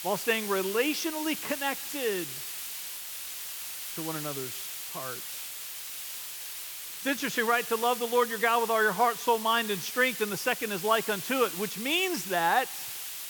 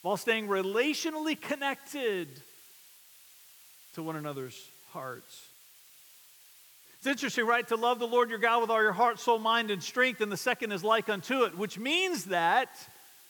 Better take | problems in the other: second | hiss; loud; throughout; 7 dB below the speech; faint in the second

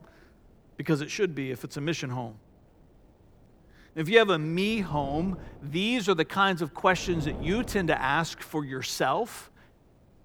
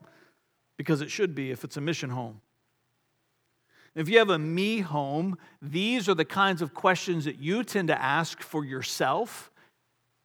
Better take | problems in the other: second | wind noise on the microphone; occasional gusts; 20 dB below the speech

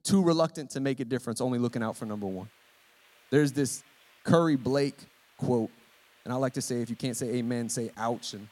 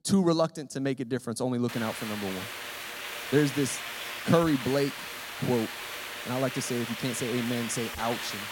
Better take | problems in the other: first | hiss; loud; from 1.5 s on; 6 dB below the speech; faint in the first

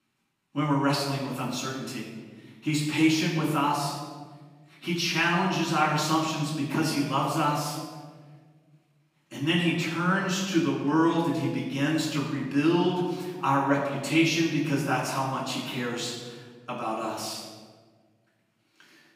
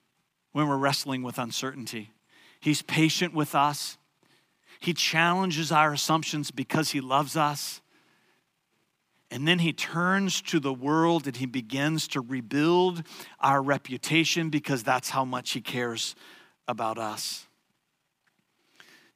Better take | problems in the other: second | off-mic speech; far // room echo; noticeable; dies away in 1.3 s

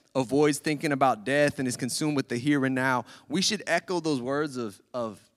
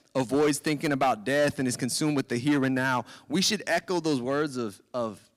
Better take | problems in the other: first | distortion; slight; 5% of the sound clipped

